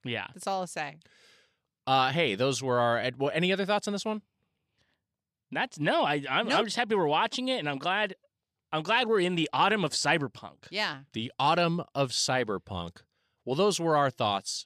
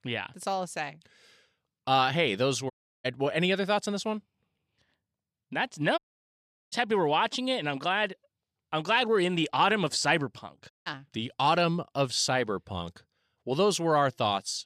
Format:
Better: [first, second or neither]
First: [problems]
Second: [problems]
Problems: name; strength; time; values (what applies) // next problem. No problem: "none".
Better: first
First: none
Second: audio cutting out; at 2.5 s, at 6 s for 0.5 s and at 11 s